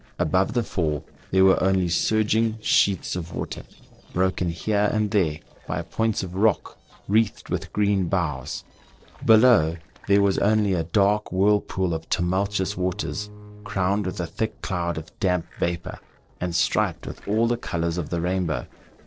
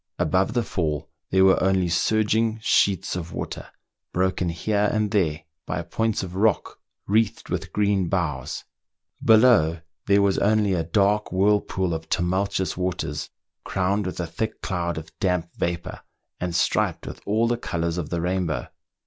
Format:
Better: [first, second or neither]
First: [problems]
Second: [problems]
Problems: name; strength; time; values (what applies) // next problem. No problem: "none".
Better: second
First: noise reduction (neural separator model SepFormer DNS4)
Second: none